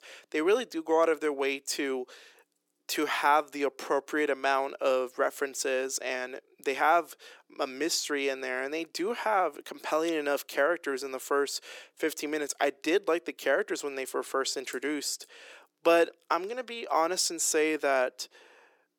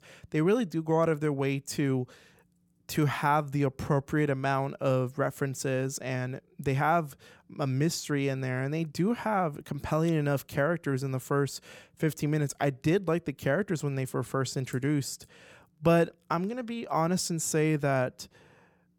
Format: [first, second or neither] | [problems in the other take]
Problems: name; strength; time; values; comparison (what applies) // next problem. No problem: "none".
second | thin; very; fading below 350 Hz